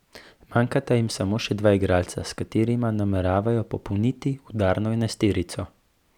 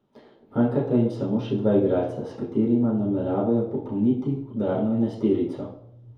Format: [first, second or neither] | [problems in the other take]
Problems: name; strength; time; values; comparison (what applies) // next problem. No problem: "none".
first | room echo; dies away in 2.3 s